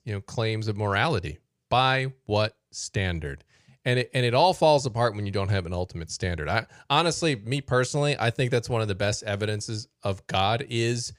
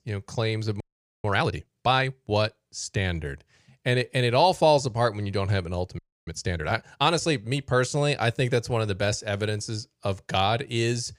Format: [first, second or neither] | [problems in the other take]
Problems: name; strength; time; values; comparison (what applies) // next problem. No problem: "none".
first | audio freezing; at 1 s and at 6 s